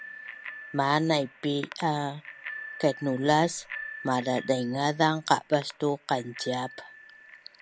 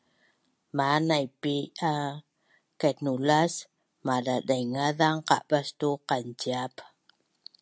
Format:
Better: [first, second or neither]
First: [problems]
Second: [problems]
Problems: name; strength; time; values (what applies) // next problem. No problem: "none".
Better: second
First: background sound (Bicycle bell); 15 dB below the speech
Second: none